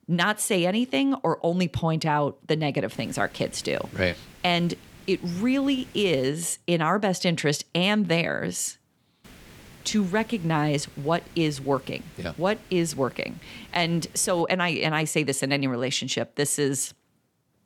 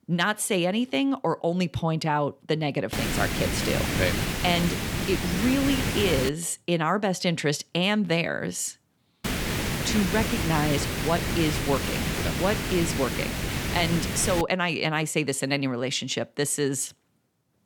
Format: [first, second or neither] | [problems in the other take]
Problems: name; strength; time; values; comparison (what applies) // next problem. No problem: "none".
first | hiss; loud; from 3 to 6.5 s and from 9 to 14 s; 2 dB below the speech; faint in the first